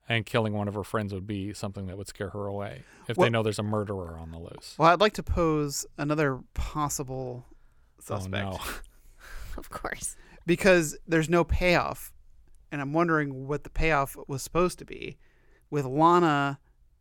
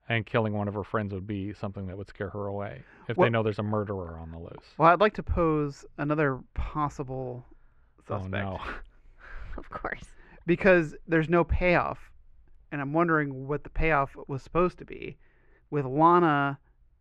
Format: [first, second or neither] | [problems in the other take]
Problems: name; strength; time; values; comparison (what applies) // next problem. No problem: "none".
first | muffled; very; fading above 2 kHz